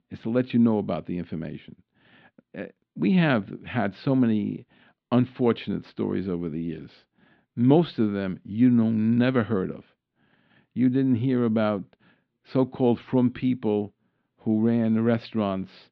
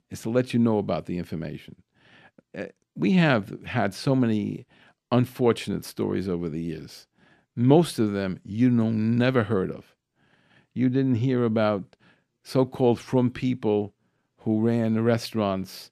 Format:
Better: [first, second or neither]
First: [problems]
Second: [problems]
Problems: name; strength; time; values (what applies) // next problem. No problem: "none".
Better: second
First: muffled; slightly; fading above 4 kHz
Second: none